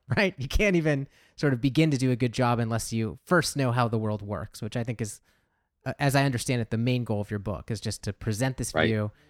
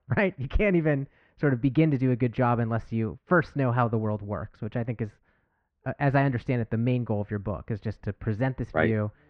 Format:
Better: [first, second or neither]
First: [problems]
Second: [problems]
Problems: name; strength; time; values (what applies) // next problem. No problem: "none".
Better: first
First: none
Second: muffled; very; fading above 2 kHz